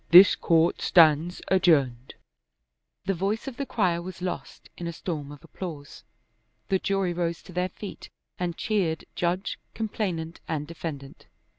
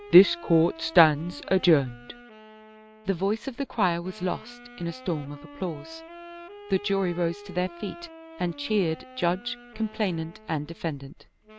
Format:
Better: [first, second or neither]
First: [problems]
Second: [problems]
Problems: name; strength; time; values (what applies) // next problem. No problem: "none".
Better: first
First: none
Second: background sound (Wind instrument, woodwind instrument); 19 dB below the speech